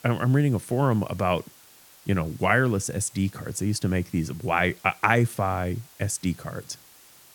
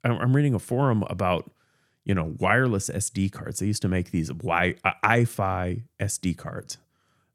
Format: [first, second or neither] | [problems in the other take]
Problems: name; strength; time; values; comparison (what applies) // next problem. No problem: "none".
second | hiss; faint; throughout; 25 dB below the speech